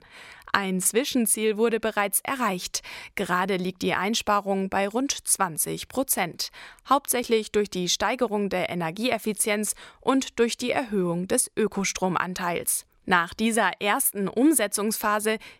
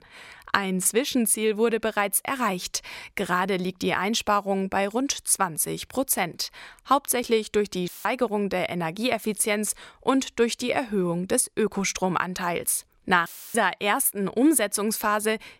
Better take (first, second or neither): first